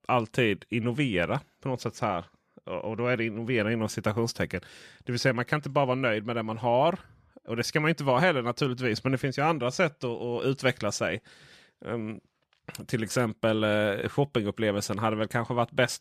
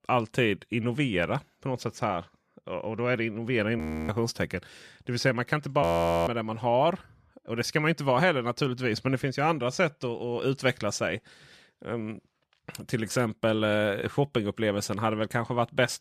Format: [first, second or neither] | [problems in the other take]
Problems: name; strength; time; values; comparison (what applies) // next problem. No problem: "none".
first | audio freezing; at 4 s and at 6 s